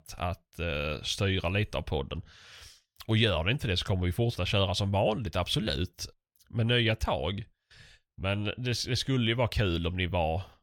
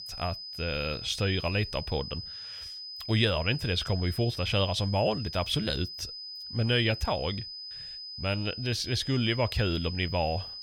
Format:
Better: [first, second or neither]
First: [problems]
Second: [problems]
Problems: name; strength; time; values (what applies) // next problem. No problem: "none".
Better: first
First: none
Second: high-pitched whine; loud; throughout; 5 kHz, 9 dB below the speech